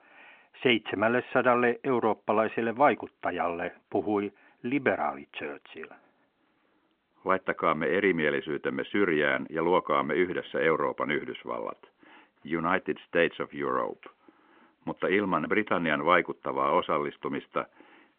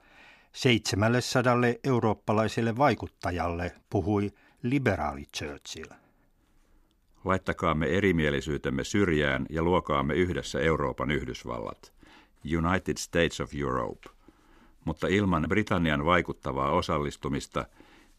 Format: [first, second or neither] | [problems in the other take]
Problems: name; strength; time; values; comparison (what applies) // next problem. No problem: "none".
second | phone-call audio